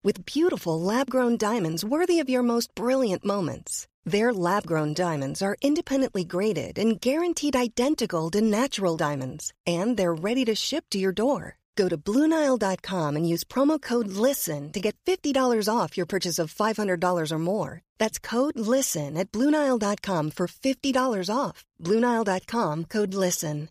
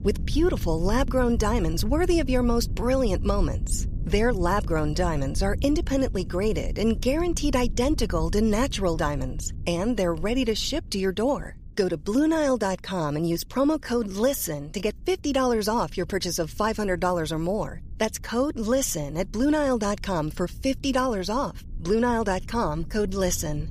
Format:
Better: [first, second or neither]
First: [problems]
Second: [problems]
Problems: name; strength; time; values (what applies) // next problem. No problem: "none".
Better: first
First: none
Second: low rumble; faint; throughout; 20 dB below the speech